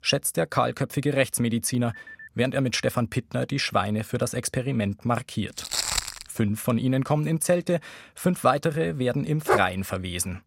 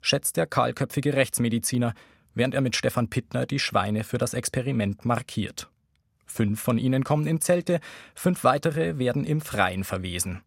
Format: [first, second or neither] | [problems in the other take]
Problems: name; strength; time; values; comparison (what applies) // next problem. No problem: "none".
second | phone ringing; faint; at 2 s; peak 15 dB below the speech // footsteps; loud; at 5.5 s; peak 1 dB above the speech // dog barking; loud; at 9.5 s; peak 1 dB above the speech